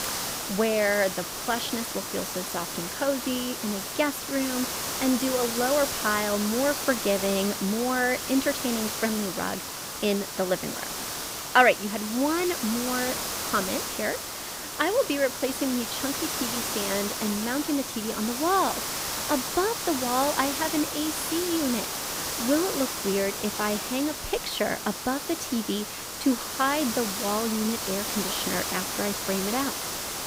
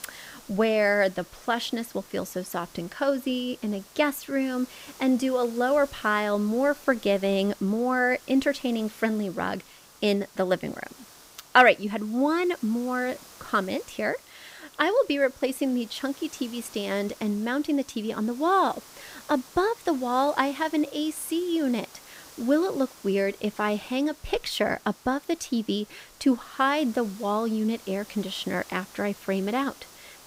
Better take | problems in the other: second | hiss; loud; throughout; 2 dB below the speech; faint in the second

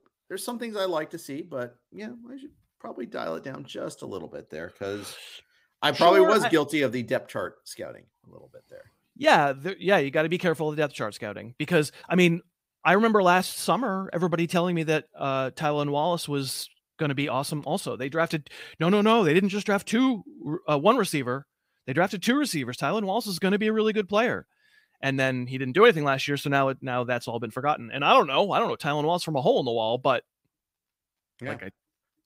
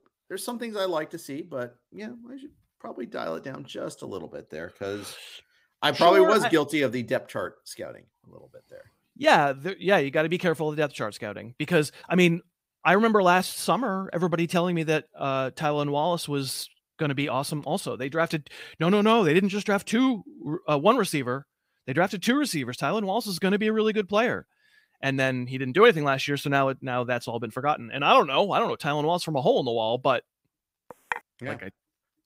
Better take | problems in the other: first | clattering dishes; noticeable; at 31 s; peak 10 dB below the speech

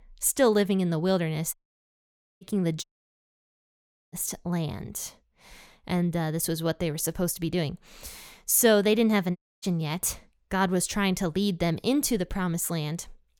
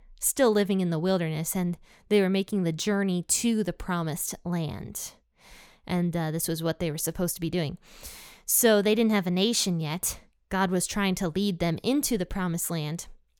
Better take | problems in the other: second | audio cutting out; at 1.5 s for 1 s, at 3 s for 1.5 s and at 9.5 s

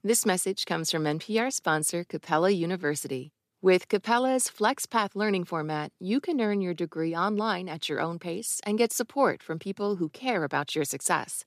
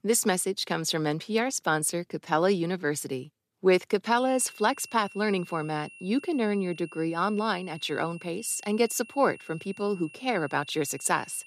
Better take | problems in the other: first | high-pitched whine; noticeable; from 4 s on; 2.5 kHz, 20 dB below the speech

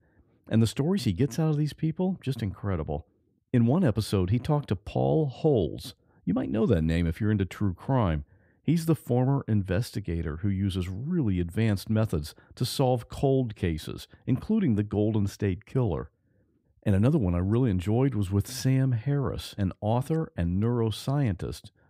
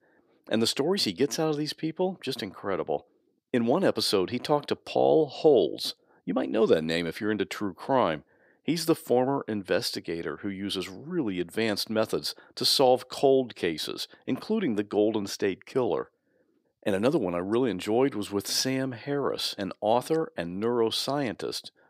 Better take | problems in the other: first | thin; somewhat; fading below 400 Hz

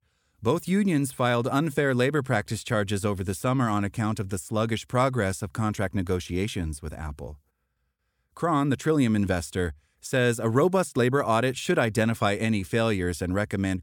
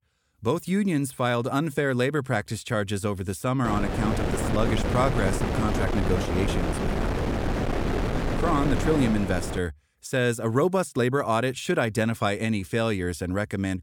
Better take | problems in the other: first | wind noise on the microphone; heavy; from 3.5 to 9.5 s; 3 dB below the speech

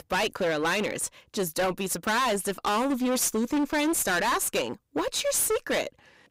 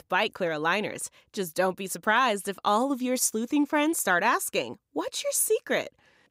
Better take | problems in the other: second | distortion; heavy; 22% of the sound clipped

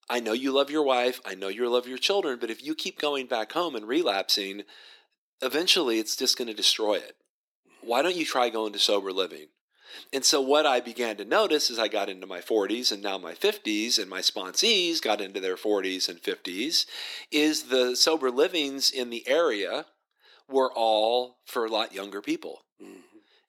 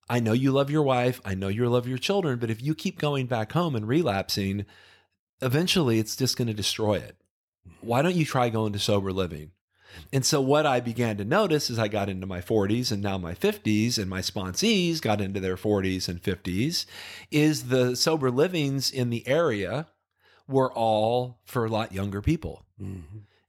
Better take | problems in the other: second | thin; somewhat; fading below 300 Hz

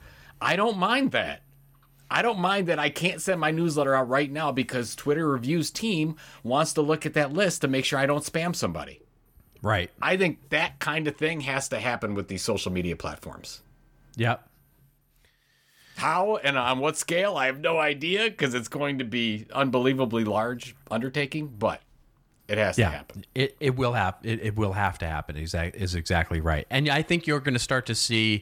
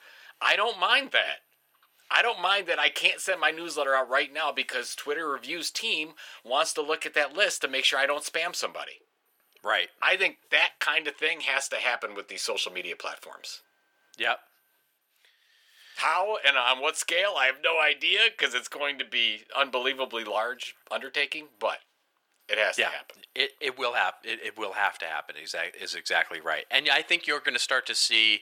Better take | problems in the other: first | thin; very; fading below 500 Hz

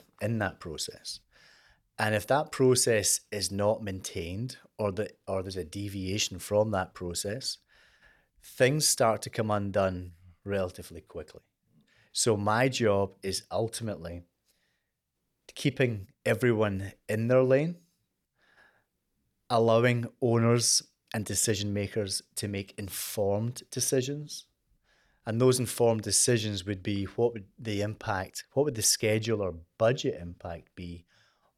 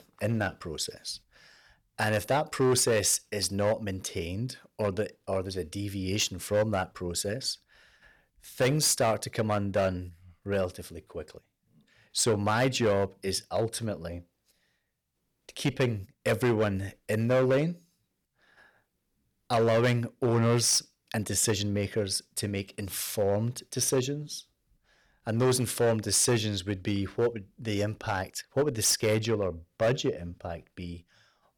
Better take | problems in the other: first | distortion; slight; 4% of the sound clipped

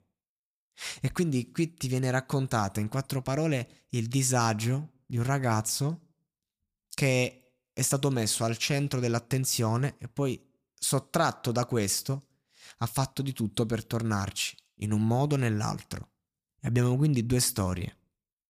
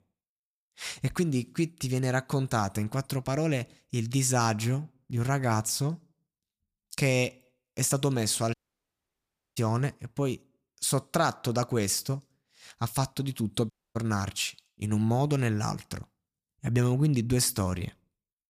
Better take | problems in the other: first | audio cutting out; at 8.5 s for 1 s and at 14 s

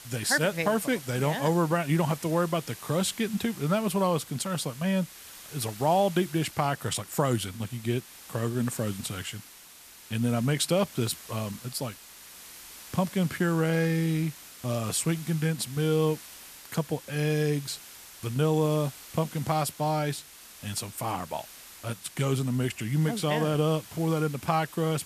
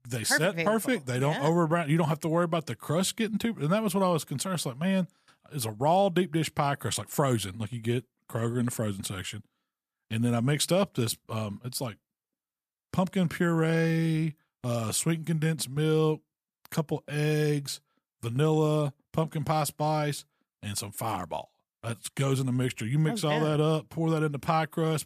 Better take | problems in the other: second | hiss; noticeable; throughout; 15 dB below the speech

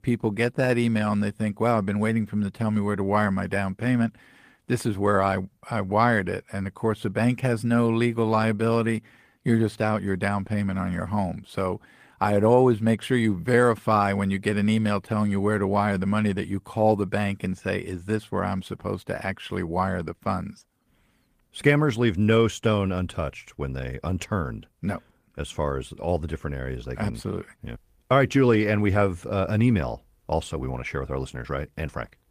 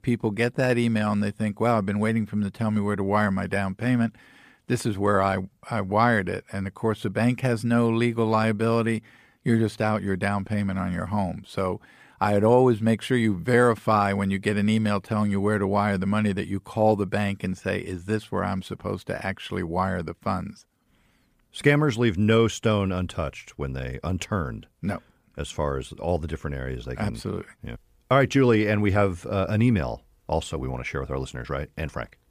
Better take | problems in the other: second | garbled, watery; slightly; nothing above 15 kHz

